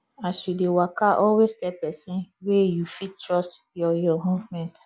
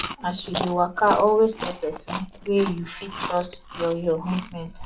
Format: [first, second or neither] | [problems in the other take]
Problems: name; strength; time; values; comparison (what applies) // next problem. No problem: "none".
first | background sound (Chewing, mastication); 10 dB below the speech // room echo; dies away in 0.1 s